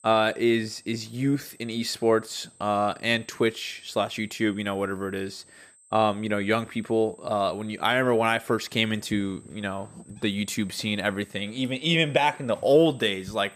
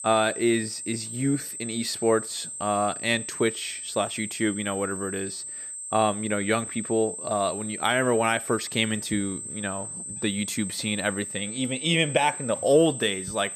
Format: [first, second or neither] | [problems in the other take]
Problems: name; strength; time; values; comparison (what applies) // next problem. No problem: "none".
first | high-pitched whine; loud; throughout; 8.5 kHz, 7 dB below the speech; faint in the first